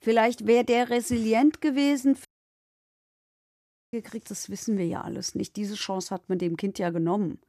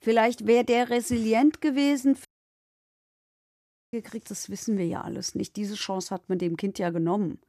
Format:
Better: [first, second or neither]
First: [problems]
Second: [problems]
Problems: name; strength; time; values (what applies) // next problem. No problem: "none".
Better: neither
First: audio cutting out; at 2.5 s for 1.5 s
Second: audio cutting out; at 2.5 s for 1.5 s